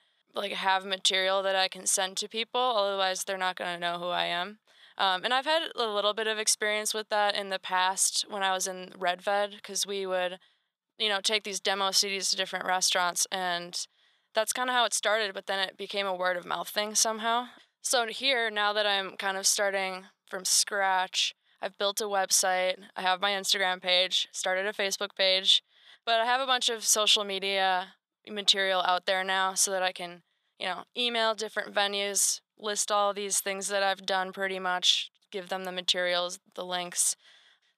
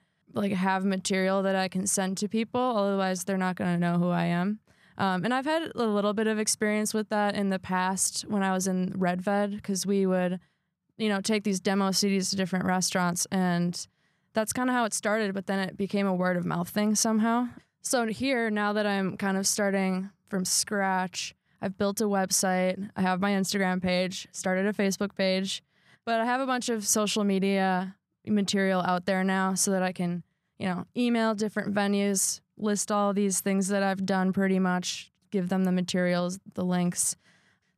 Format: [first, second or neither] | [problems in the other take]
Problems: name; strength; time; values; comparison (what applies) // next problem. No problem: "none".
second | thin; very; fading below 650 Hz